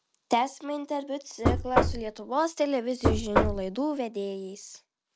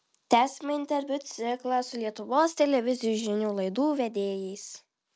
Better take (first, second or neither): second